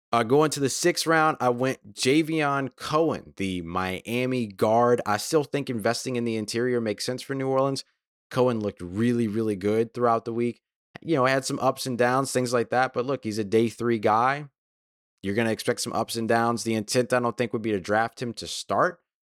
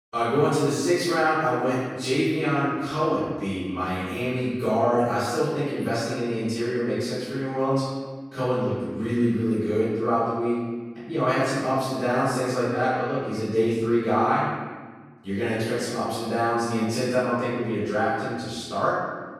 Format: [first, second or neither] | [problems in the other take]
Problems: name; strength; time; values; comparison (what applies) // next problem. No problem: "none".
first | room echo; strong; dies away in 1.5 s // off-mic speech; far